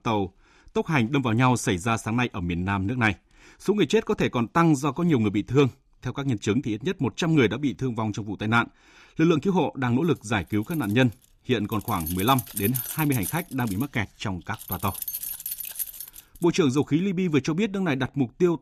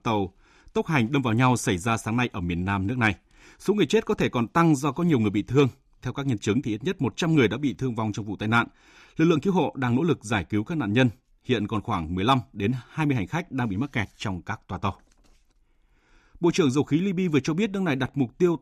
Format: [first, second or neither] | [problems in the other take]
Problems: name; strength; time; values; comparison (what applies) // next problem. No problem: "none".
second | jangling keys; noticeable; from 11 to 16 s; peak 3 dB below the speech